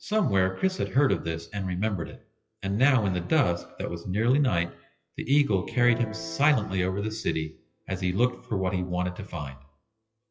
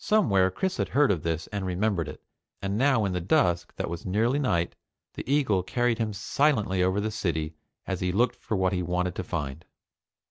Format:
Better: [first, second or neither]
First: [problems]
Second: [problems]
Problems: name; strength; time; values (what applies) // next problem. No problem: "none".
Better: second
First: noise reduction (classical method WPE with log-MMSE)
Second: none